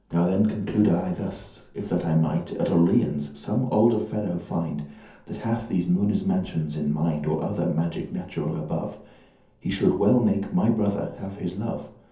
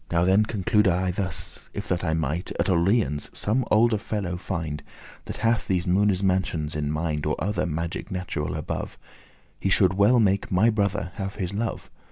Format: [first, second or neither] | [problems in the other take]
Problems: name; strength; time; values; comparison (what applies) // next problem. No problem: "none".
second | room echo; dies away in 0.5 s